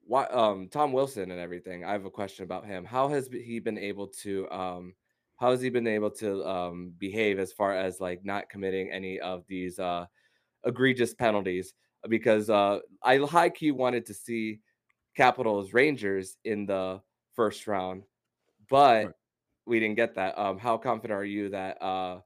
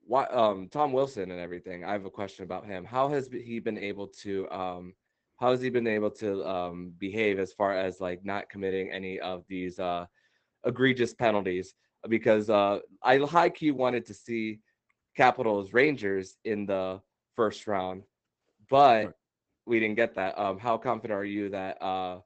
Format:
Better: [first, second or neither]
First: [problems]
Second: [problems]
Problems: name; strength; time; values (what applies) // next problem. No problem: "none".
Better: first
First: none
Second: garbled, watery; badly; nothing above 8 kHz